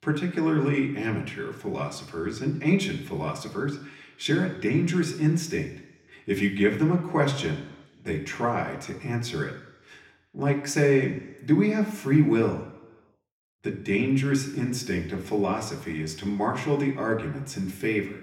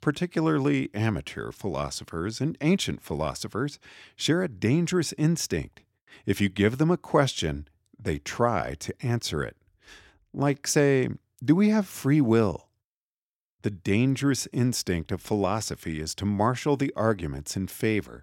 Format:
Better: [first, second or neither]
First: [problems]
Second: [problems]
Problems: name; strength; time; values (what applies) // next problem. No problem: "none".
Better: second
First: room echo; slight; dies away in 0.9 s // off-mic speech; somewhat distant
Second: none